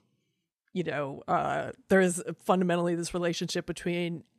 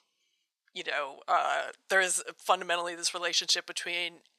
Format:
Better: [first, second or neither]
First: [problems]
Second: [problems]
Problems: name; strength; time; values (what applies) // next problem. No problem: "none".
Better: first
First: none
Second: thin; very; fading below 850 Hz